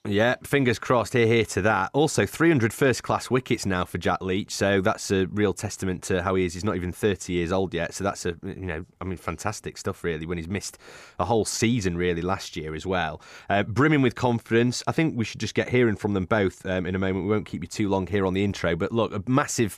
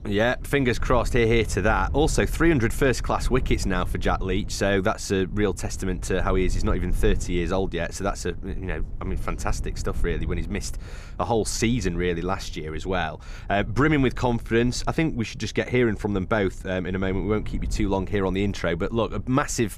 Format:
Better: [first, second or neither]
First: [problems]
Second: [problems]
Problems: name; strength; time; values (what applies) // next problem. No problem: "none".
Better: first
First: none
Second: low rumble; faint; throughout; 25 dB below the speech